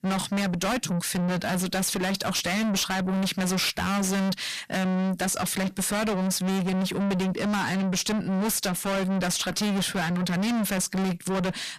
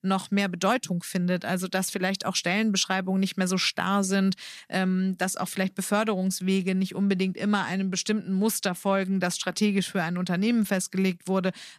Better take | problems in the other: second | distortion; heavy; 5 dB below the speech

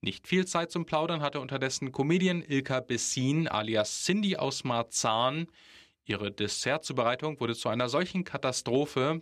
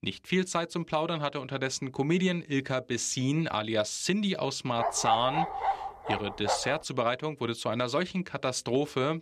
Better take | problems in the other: first | dog barking; loud; from 5 to 6.5 s; peak 1 dB above the speech

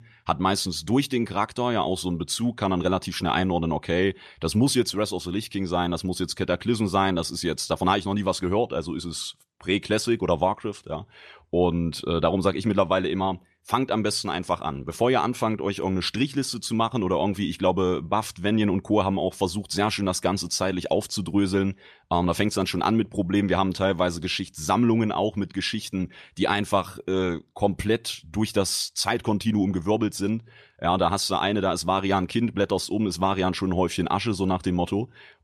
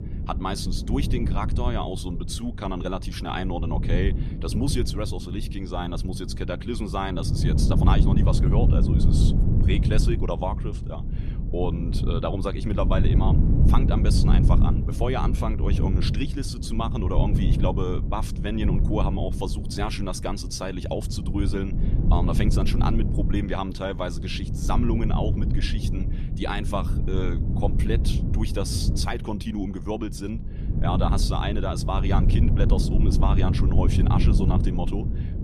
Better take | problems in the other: first | low rumble; loud; throughout; 5 dB below the speech

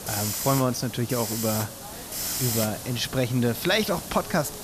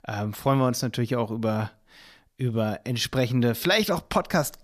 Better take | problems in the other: second | hiss; loud; throughout; 4 dB below the speech

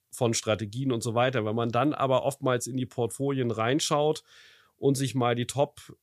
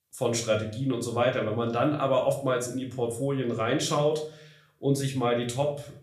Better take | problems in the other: first | room echo; slight; dies away in 0.4 s // off-mic speech; somewhat distant

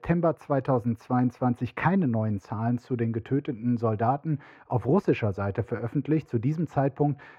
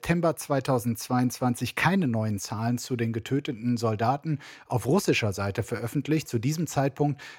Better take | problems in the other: second | muffled; very; fading above 3.5 kHz

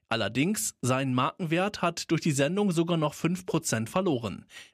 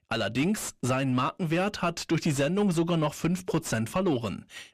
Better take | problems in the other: first | distortion; slight; 10 dB below the speech

